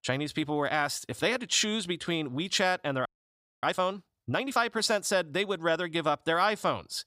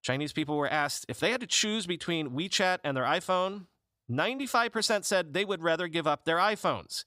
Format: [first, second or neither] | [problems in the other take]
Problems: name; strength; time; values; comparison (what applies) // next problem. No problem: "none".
second | audio freezing; at 3 s for 0.5 s